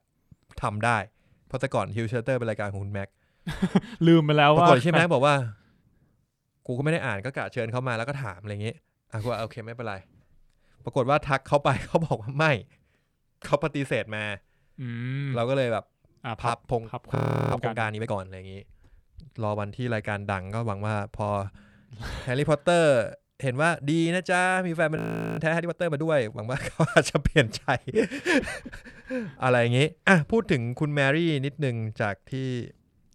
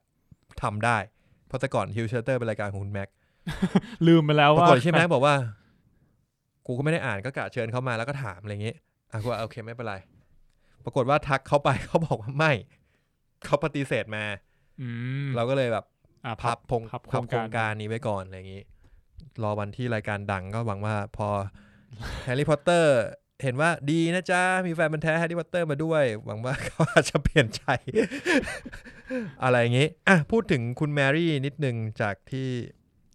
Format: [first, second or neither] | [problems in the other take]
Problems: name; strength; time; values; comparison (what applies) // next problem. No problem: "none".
second | audio freezing; at 17 s and at 25 s